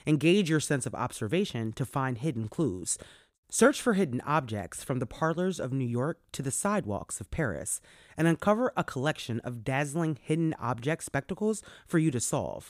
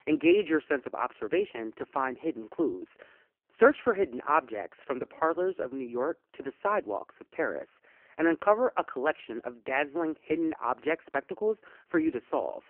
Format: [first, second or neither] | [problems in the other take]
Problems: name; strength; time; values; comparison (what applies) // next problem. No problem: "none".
first | phone-call audio; poor line; nothing above 3 kHz